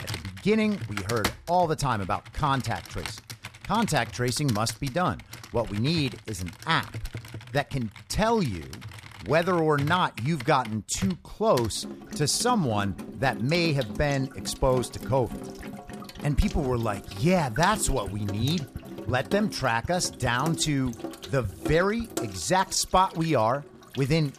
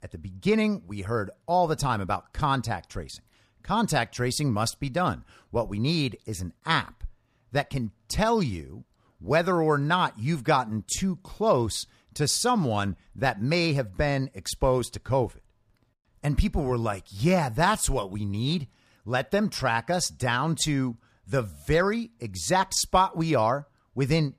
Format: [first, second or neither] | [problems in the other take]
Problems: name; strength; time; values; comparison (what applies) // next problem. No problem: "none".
second | household noises; noticeable; throughout; 10 dB below the speech